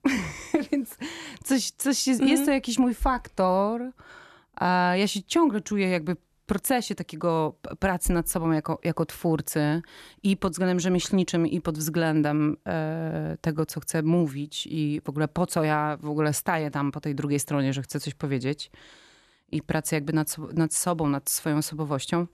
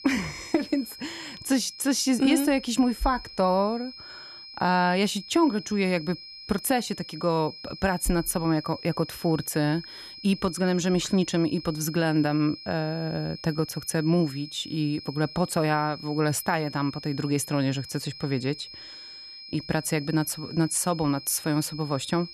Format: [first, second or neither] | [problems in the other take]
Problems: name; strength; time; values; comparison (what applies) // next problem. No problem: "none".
first | high-pitched whine; noticeable; throughout; 5 kHz, 15 dB below the speech